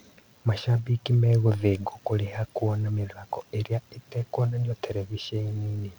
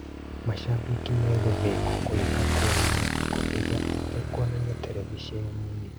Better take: first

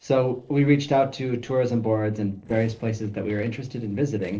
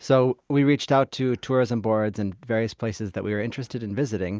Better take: second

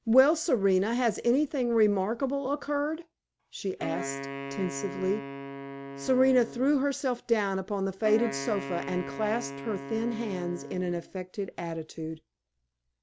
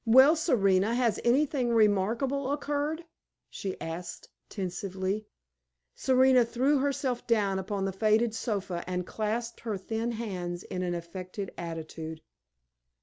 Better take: second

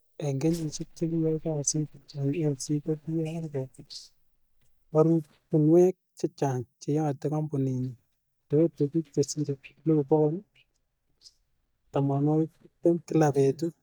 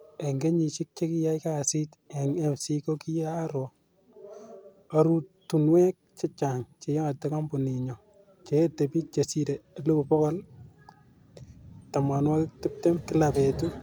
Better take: second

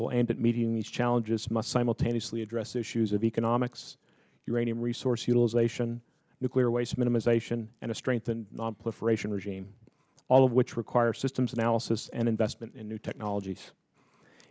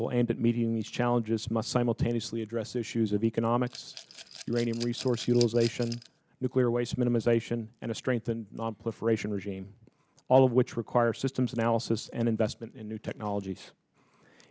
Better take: first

